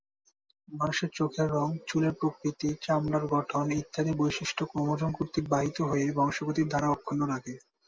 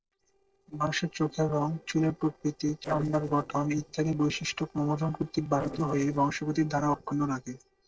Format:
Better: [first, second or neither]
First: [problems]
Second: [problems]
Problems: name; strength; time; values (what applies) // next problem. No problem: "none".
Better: first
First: none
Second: noise reduction (neural separator model SepFormer DNS4)